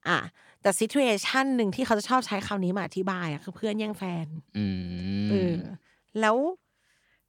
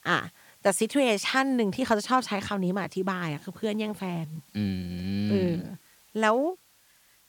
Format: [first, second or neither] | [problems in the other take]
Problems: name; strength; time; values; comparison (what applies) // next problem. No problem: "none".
first | hiss; faint; throughout; 30 dB below the speech